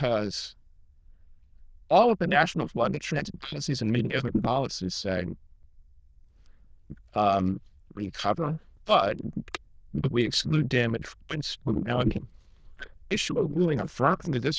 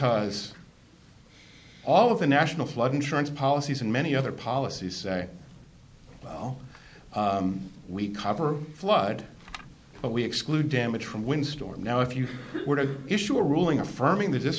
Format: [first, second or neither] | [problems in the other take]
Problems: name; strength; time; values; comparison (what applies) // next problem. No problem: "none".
second | noise reduction (neural diffusion model UNIVERSE++)